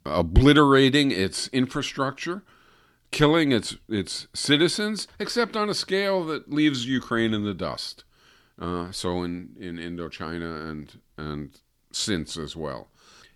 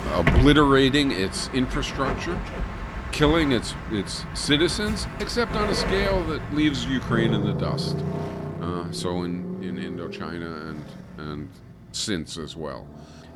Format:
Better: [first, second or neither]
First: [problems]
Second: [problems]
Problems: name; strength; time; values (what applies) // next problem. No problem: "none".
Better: first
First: none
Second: traffic noise; loud; throughout; 6 dB below the speech